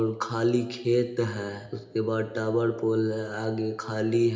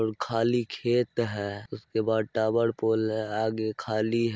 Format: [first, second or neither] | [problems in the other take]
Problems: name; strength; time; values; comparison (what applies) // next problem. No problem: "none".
second | room echo; dies away in 0.8 s